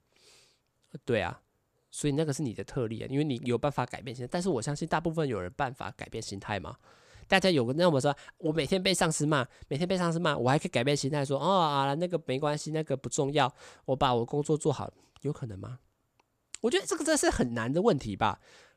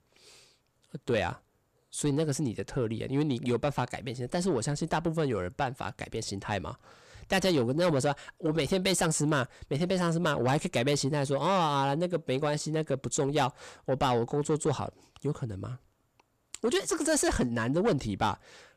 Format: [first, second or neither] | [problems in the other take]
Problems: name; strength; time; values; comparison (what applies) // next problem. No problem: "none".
first | distortion; slight; 10 dB below the speech